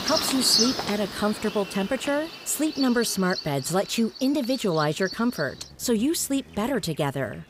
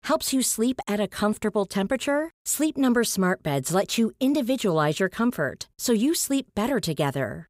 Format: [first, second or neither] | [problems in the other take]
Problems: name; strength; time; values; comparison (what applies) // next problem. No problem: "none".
second | animal sounds; loud; throughout; 4 dB below the speech